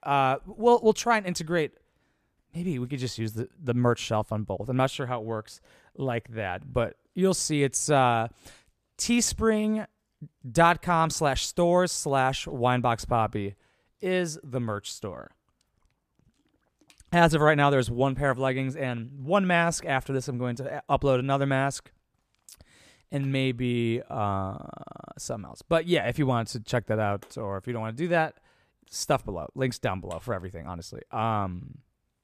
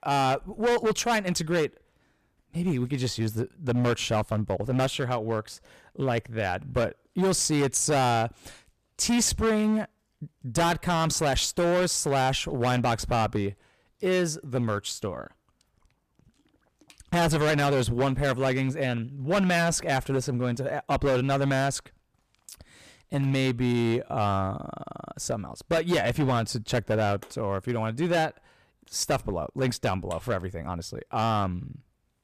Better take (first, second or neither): first